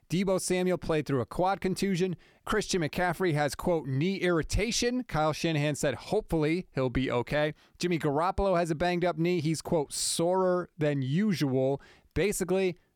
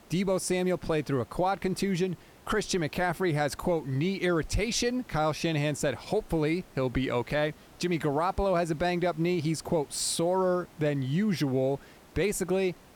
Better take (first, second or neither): first